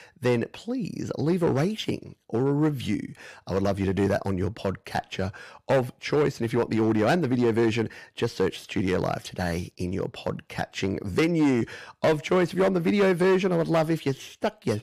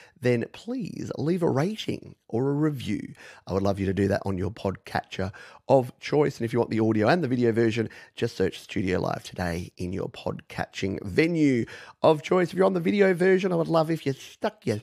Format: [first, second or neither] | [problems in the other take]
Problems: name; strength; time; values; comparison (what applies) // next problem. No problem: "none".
second | distortion; slight; 5% of the sound clipped